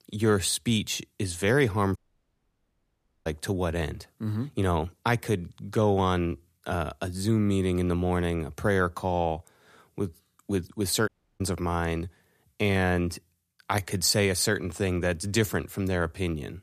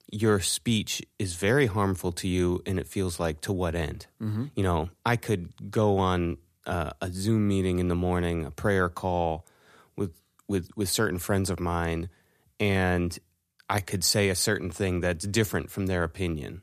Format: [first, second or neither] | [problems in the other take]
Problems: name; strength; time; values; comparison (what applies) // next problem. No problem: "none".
second | audio cutting out; at 2 s for 1.5 s and at 11 s